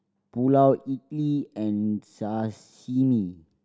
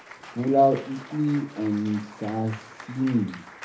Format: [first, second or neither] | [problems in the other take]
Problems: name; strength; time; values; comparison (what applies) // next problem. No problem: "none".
first | background sound (Applause / Cheering); 18 dB below the speech // room echo; dies away in 0.3 s